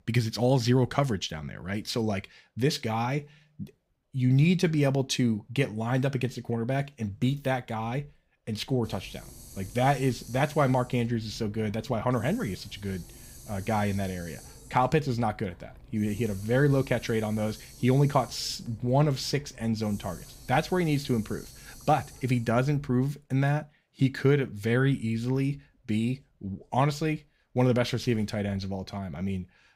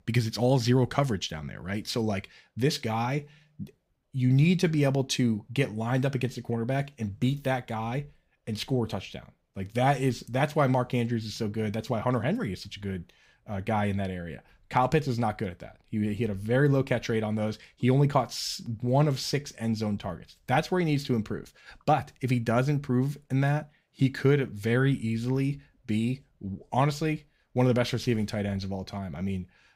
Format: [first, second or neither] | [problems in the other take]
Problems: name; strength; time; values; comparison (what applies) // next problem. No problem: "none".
second | hiss; noticeable; from 9 to 23 s; 20 dB below the speech